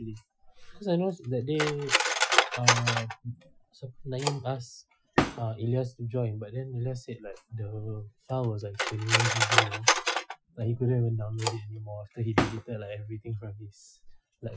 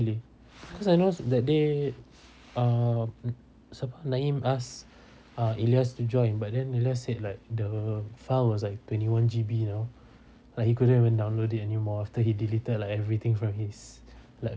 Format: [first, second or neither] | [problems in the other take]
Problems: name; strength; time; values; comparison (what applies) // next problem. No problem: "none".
second | noise reduction (classical method Wiener filter)